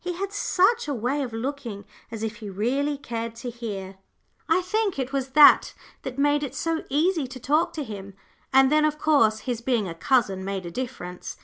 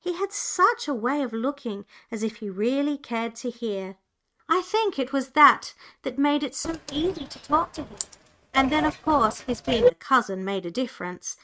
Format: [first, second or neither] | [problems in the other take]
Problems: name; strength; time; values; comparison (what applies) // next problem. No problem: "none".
first | noise reduction (neural mask model RNNoise)